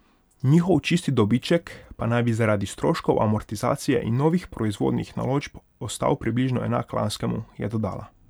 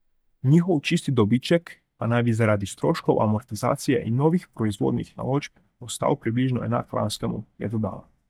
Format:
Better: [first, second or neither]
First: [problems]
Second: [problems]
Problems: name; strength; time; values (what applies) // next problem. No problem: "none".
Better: first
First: none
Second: noise reduction (neural mask model DeepFilterNet 3)